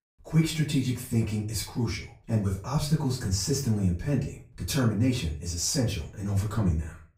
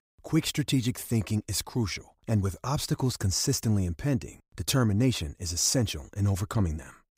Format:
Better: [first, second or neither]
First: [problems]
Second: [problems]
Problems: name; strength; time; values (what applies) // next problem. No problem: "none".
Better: second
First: off-mic speech; far // room echo; slight; dies away in 0.3 s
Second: none